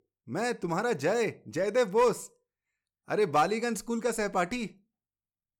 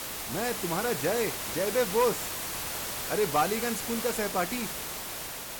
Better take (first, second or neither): first